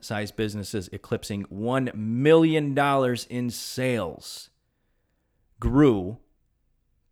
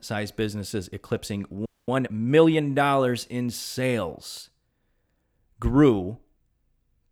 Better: first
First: none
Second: audio freezing; at 1.5 s

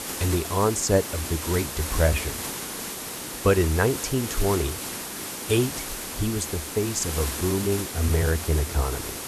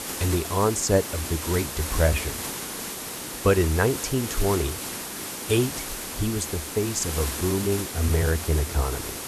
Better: neither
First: hiss; loud; throughout; 6 dB below the speech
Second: hiss; loud; throughout; 6 dB below the speech

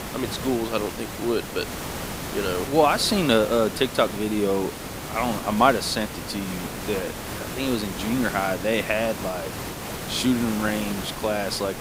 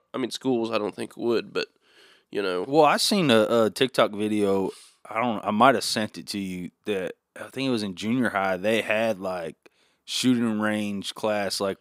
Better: second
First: hiss; loud; throughout; 7 dB below the speech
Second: none

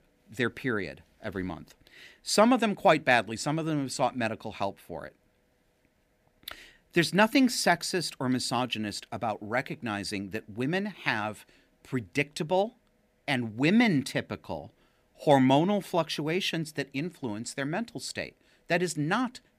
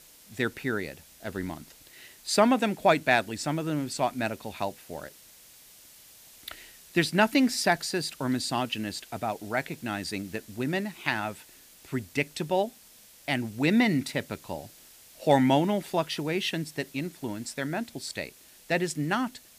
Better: first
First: none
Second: hiss; faint; throughout; 20 dB below the speech

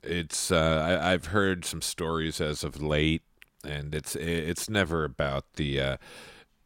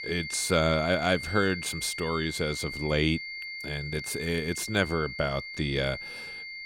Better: first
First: none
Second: high-pitched whine; loud; throughout; 2 kHz, 8 dB below the speech

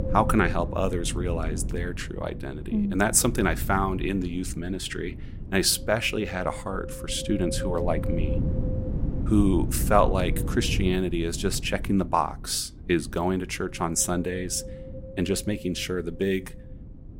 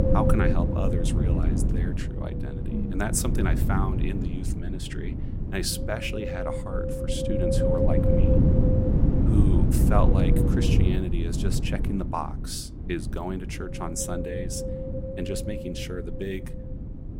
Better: first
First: wind noise on the microphone; occasional gusts; 15 dB below the speech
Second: wind noise on the microphone; heavy; 1 dB above the speech

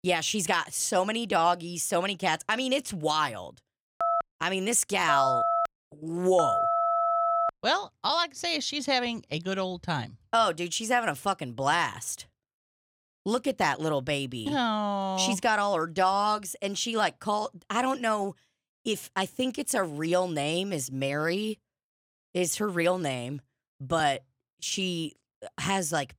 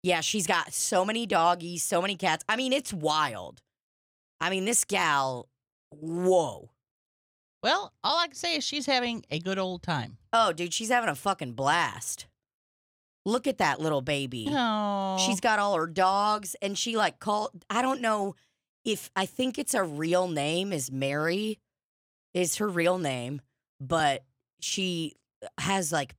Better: second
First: phone ringing; loud; from 4 to 7.5 s; peak 3 dB above the speech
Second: none

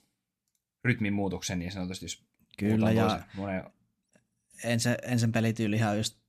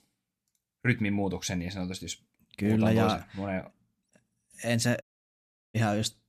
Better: first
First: none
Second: audio cutting out; at 5 s for 0.5 s

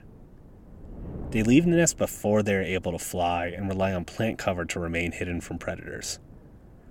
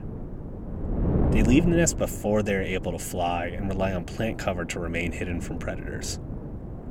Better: first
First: wind noise on the microphone; occasional gusts; 25 dB below the speech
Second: wind noise on the microphone; heavy; 10 dB below the speech

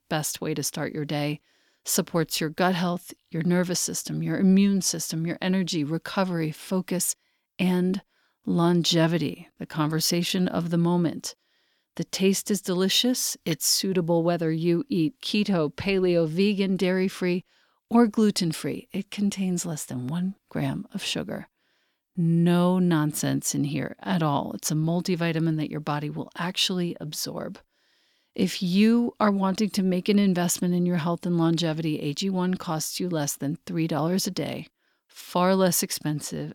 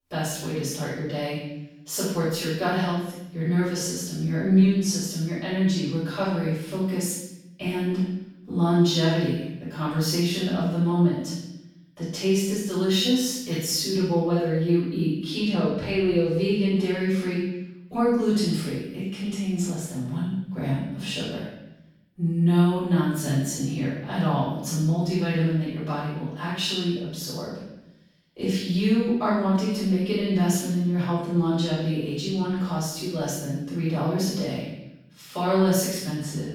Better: first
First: none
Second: off-mic speech; far // room echo; strong; dies away in 0.9 s

